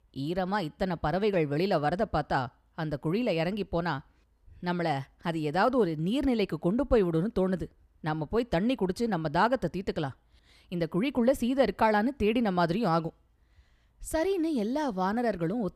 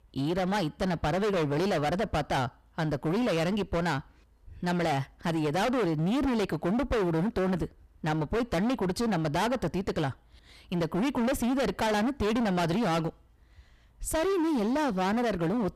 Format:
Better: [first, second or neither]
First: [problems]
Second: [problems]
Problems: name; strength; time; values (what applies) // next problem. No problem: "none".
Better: first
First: none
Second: distortion; heavy; 31% of the sound clipped